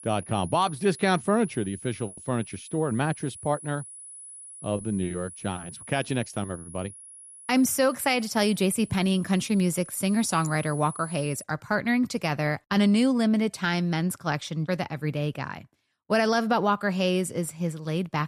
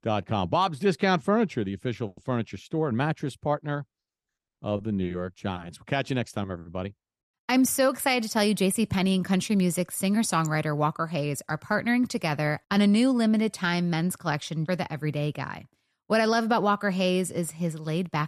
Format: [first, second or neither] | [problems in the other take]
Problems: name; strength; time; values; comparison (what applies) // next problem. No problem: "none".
second | high-pitched whine; noticeable; until 11 s; 10 kHz, 15 dB below the speech